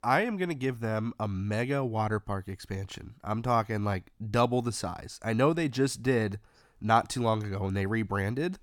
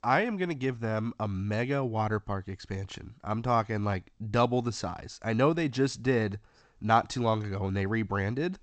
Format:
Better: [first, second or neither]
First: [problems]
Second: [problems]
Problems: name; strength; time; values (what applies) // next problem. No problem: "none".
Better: first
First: none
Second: garbled, watery; slightly; nothing above 8 kHz